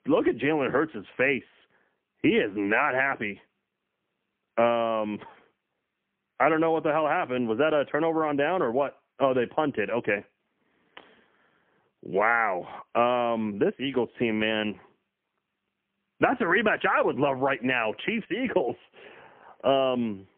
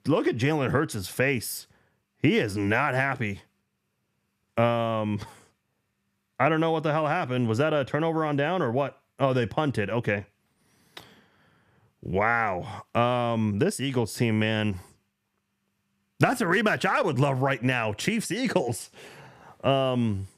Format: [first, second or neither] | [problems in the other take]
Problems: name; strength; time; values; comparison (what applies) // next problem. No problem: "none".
second | phone-call audio; poor line; nothing above 3 kHz